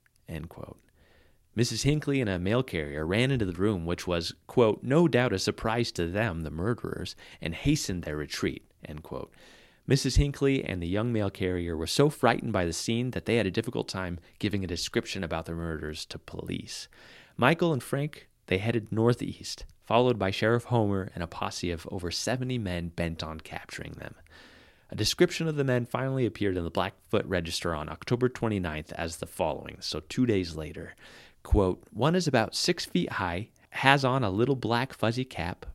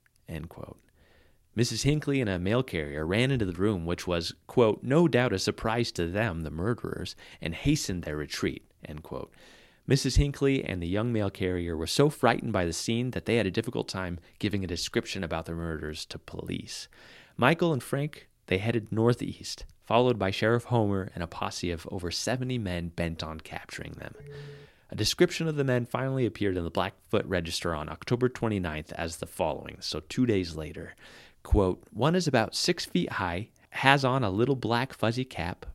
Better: first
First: none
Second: phone ringing; faint; at 24 s; peak 15 dB below the speech

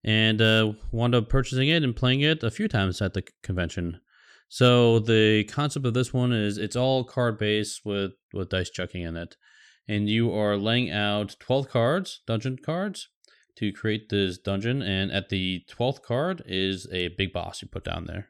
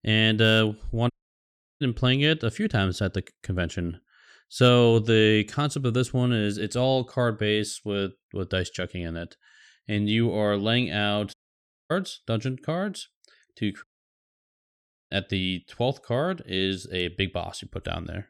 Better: first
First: none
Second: audio cutting out; at 1 s for 0.5 s, at 11 s for 0.5 s and at 14 s for 1.5 s

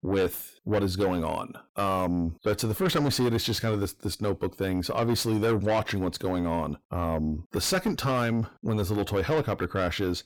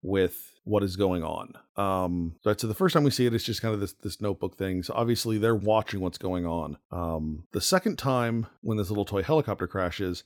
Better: second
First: distortion; heavy; 7 dB below the speech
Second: none

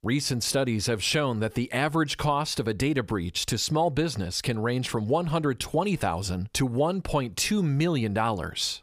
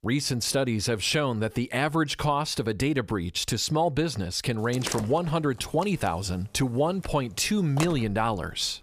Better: first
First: none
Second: door banging; noticeable; from 4.5 s on; peak 7 dB below the speech

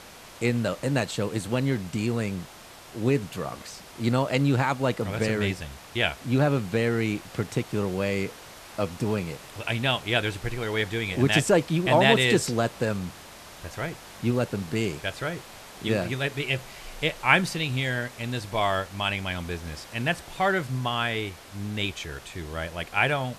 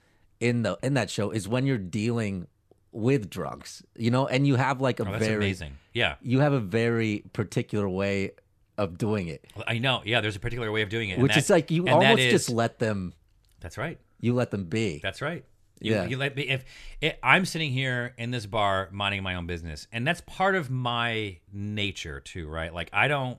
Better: second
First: hiss; noticeable; throughout; 20 dB below the speech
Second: none

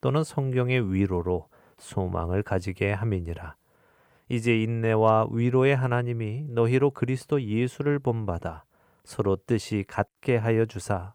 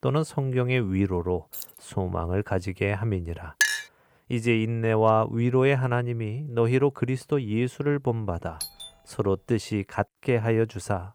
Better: first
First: none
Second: jangling keys; faint; at 1.5 s; peak 10 dB below the speech // clattering dishes; loud; at 3.5 s; peak 2 dB above the speech // doorbell; noticeable; at 8.5 s; peak 9 dB below the speech

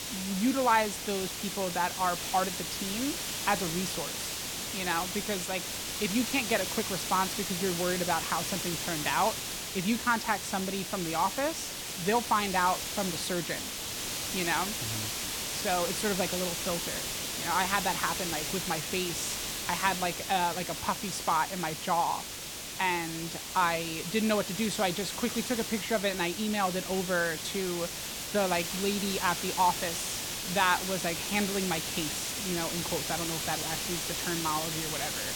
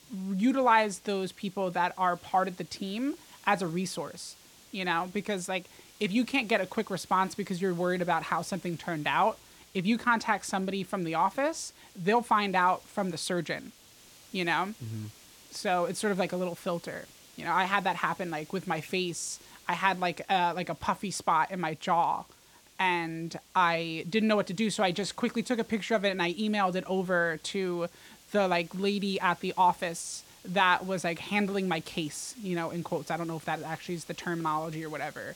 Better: second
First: hiss; loud; throughout; 2 dB below the speech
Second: hiss; faint; throughout; 25 dB below the speech

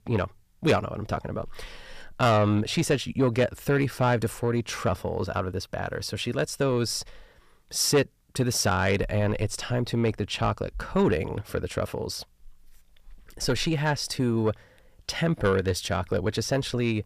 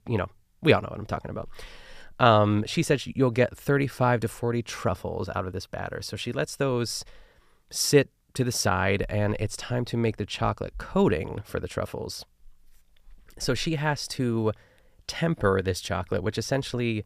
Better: second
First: distortion; slight; 10 dB below the speech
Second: none

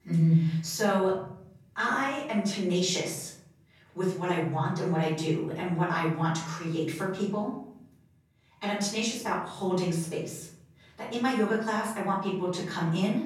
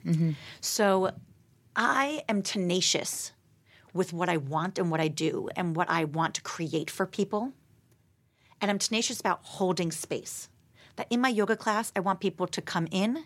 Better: second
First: off-mic speech; far // room echo; noticeable; dies away in 0.7 s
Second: none

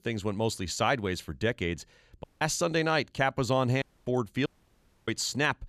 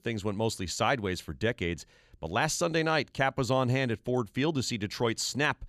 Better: second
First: audio cutting out; at 2 s, at 4 s and at 4.5 s for 0.5 s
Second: none

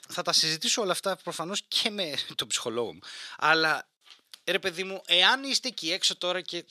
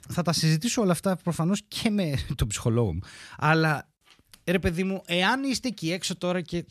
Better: second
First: thin; very; fading below 450 Hz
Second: none

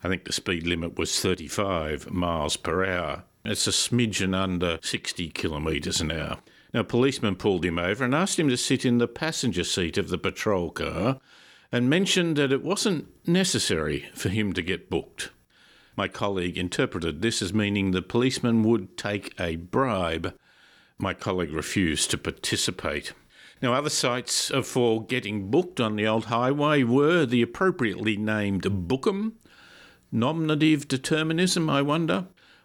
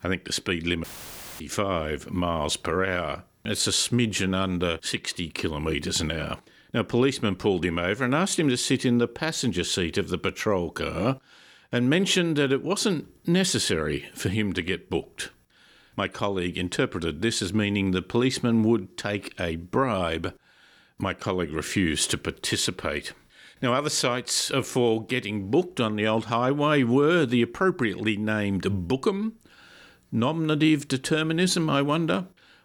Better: first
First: none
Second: audio cutting out; filled with static; at 1 s for 0.5 s

